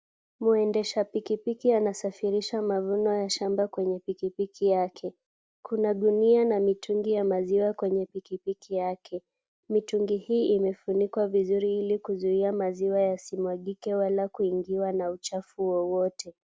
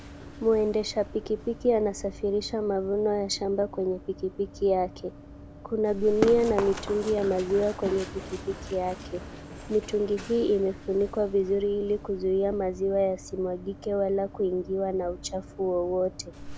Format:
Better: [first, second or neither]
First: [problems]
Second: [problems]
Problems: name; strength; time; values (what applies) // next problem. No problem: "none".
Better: first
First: none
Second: background sound (Run); 12 dB below the speech